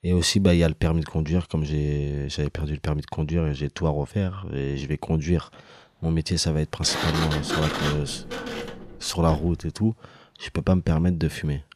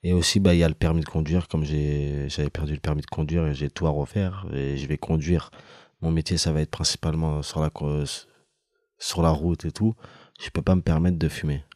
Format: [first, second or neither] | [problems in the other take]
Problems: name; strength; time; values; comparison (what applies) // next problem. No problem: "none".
second | door banging; noticeable; from 7 to 9.5 s; peak 1 dB below the speech